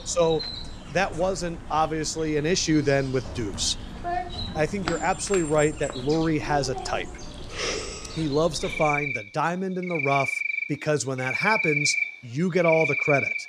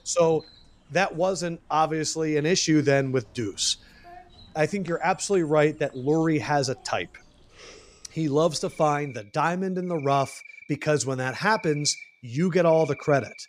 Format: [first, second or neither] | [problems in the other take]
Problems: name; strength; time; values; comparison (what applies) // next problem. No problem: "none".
second | animal sounds; loud; throughout; 4 dB below the speech; faint in the second